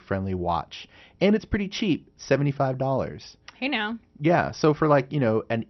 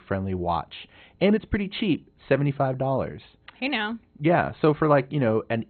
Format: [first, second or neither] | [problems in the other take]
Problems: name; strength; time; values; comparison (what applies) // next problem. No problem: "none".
first | garbled, watery; badly; nothing above 4 kHz; slightly in the first